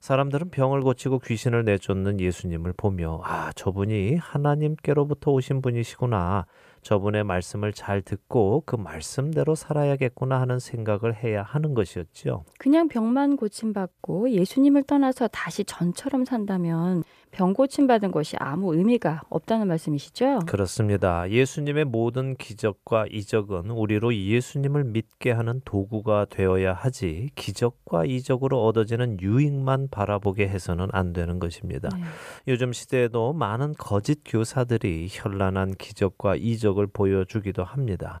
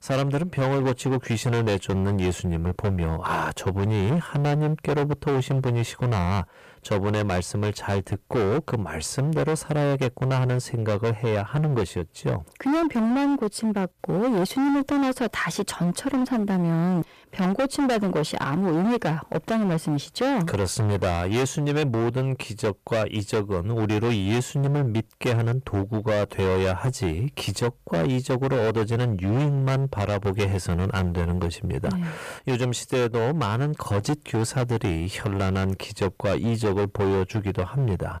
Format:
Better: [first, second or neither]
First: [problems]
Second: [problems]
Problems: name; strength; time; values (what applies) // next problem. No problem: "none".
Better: first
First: none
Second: distortion; heavy; 22% of the sound clipped